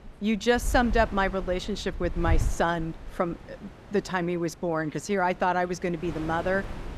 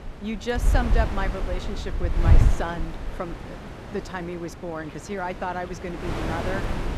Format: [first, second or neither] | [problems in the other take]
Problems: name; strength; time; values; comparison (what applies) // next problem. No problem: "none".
first | wind noise on the microphone; heavy; 5 dB below the speech; occasional gusts in the first